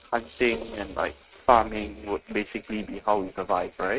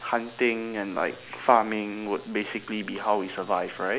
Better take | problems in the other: second | noise reduction (neural mask model RNNoise)

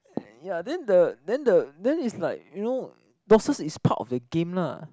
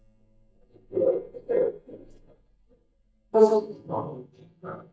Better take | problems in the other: first | noise reduction (neural mask model DeepFilterNet 3)

